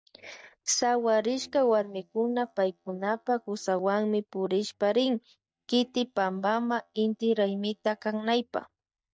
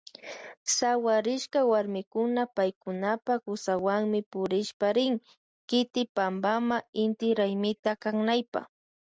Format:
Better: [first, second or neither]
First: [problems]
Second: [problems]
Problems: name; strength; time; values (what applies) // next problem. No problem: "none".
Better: second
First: noise reduction (neural mask model DeepFilterNet 3)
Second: none